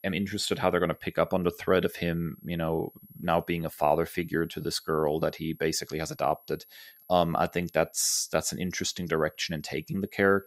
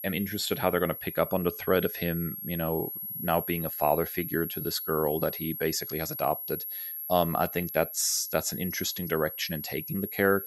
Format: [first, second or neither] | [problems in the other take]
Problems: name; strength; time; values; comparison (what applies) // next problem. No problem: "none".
first | high-pitched whine; loud; throughout; 11.5 kHz, 6 dB below the speech; faint in the first